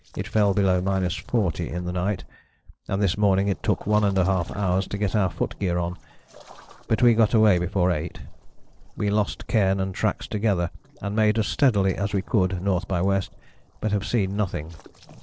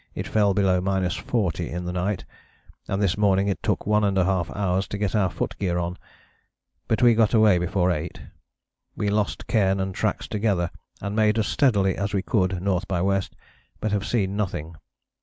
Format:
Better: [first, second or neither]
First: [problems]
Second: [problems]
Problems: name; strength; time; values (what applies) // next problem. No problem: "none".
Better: second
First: noise reduction (neural separator model SepFormer DNS4)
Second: none